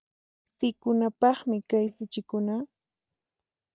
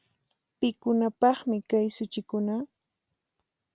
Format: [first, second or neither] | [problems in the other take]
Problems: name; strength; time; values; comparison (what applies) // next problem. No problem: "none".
second | noise reduction (neural mask model DeepFilterNet 3)